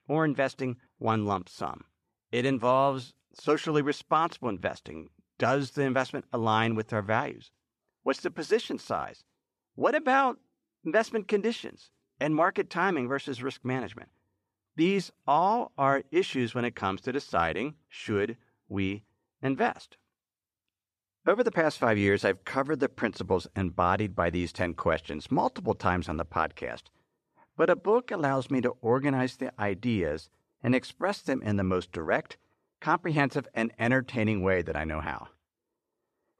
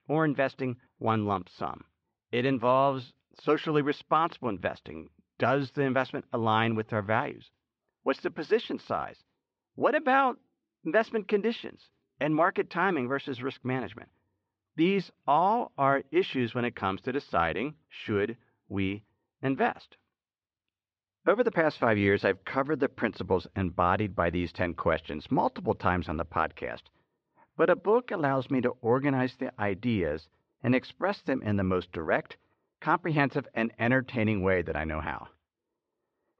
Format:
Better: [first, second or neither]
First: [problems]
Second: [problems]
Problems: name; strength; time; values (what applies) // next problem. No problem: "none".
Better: first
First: none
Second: muffled; very slightly; fading above 4 kHz